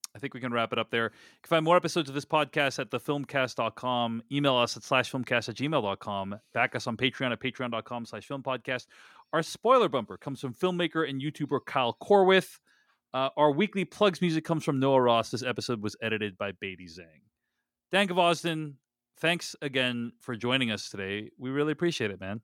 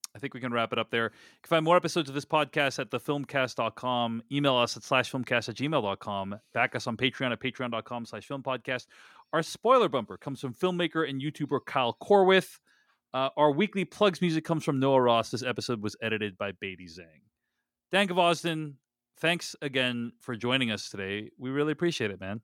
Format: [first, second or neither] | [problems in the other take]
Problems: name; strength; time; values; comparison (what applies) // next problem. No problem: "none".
neither | none